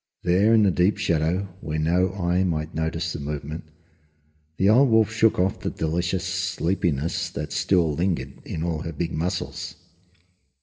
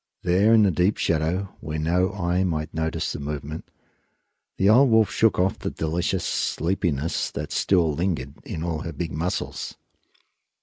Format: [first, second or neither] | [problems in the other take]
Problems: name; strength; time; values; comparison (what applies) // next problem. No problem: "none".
second | room echo; dies away in 0.8 s